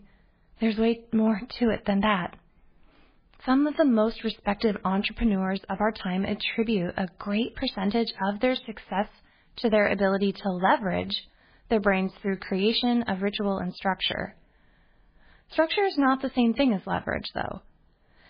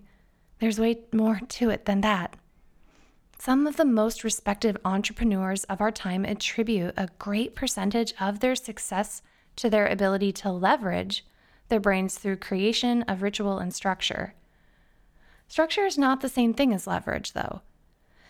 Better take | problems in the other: second | garbled, watery; badly; nothing above 4.5 kHz

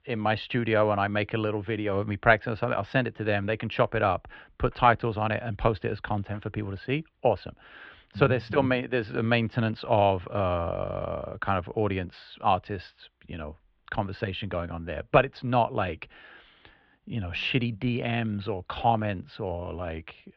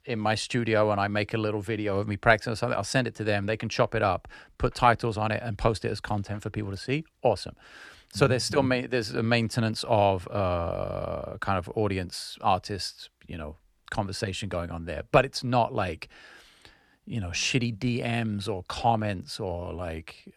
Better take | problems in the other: second | muffled; very; fading above 3.5 kHz

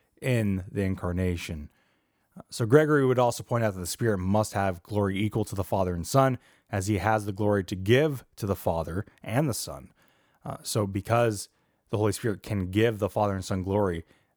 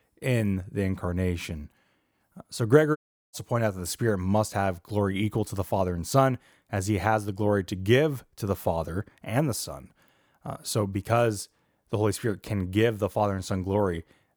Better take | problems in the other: first | audio cutting out; at 3 s

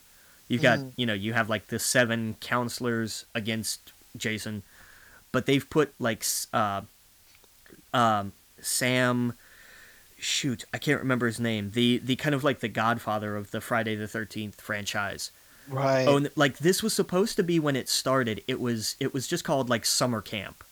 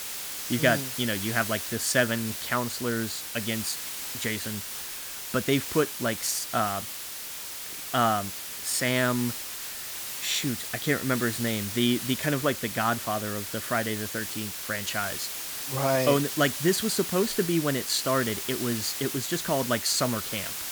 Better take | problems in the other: first | hiss; loud; throughout; 5 dB below the speech; faint in the first

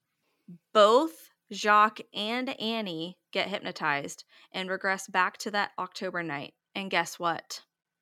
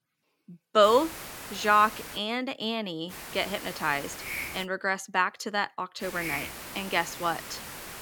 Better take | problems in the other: first | hiss; noticeable; from 1 to 2 s, from 3 to 4.5 s and from 6 s on; 10 dB below the speech

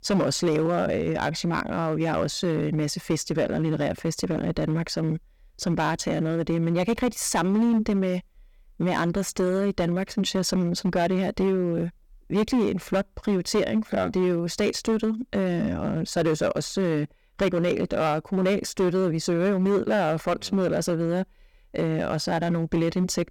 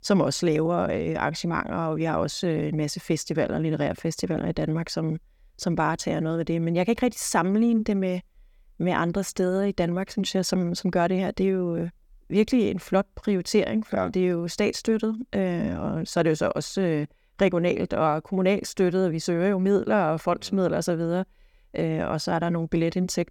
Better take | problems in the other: second | distortion; slight; 8% of the sound clipped

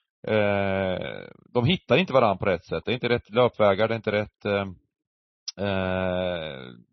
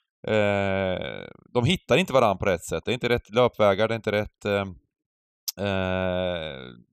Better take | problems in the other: second | garbled, watery; slightly; nothing above 6 kHz

